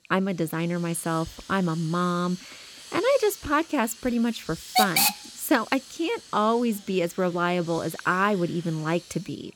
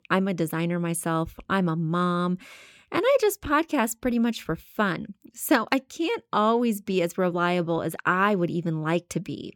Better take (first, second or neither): second